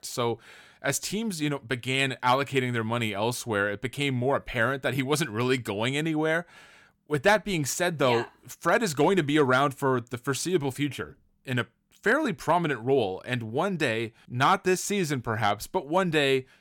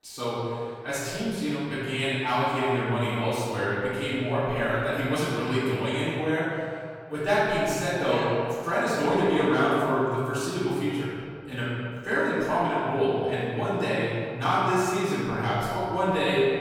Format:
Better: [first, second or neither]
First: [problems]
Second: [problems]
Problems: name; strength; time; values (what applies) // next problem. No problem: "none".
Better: first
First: none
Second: off-mic speech; far // room echo; strong; dies away in 2 s